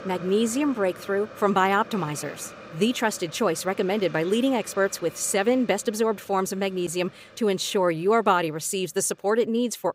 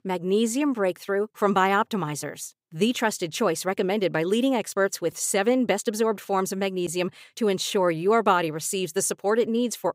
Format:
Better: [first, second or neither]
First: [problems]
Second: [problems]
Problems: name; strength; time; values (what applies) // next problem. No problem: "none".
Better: second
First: hiss; noticeable; throughout; 20 dB below the speech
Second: none